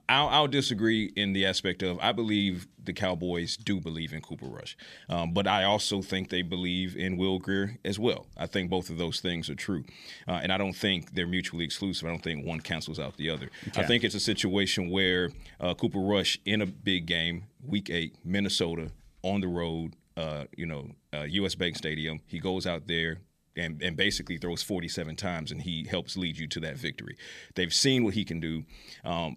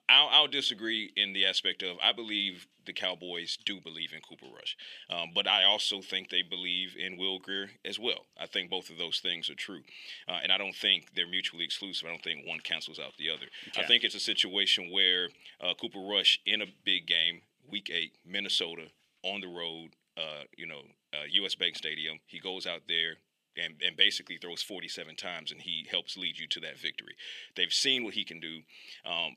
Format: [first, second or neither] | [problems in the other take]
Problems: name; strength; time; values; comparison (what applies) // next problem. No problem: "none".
first | thin; somewhat; fading below 350 Hz